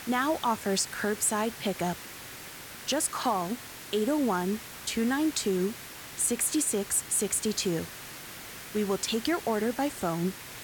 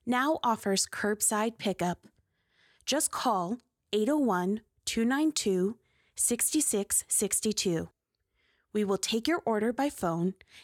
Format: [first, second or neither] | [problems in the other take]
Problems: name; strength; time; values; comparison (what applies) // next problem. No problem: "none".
second | hiss; noticeable; throughout; 10 dB below the speech